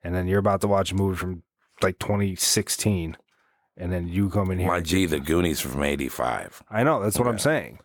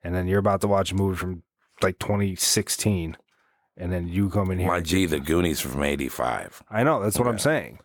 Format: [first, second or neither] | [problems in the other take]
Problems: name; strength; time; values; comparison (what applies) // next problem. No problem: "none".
neither | none